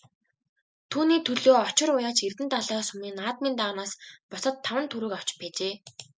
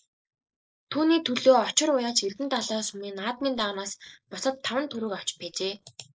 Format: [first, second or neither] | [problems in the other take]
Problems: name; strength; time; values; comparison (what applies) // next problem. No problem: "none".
first | noise reduction (neural mask model Resemble Enhance denoiser)